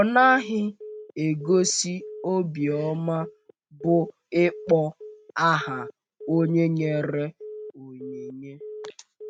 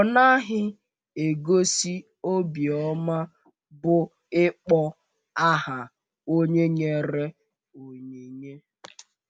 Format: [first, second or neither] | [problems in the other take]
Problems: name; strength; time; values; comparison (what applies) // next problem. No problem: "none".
second | noise reduction (neural mask model RNNoise)